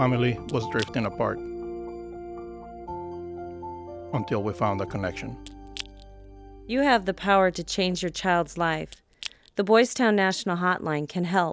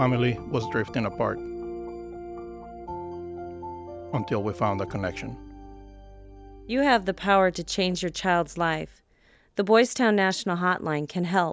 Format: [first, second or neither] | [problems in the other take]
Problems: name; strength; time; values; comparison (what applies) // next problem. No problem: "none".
second | background sound (Crack / Crushing); 19 dB below the speech